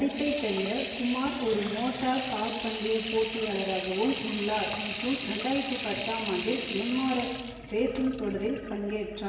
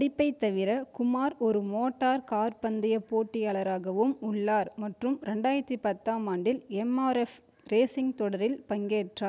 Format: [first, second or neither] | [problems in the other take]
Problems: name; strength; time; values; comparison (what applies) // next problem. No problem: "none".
second | background sound (Sink (filling or washing) / Water tap, faucet); 7 dB below the speech // room echo; dies away in 1.1 s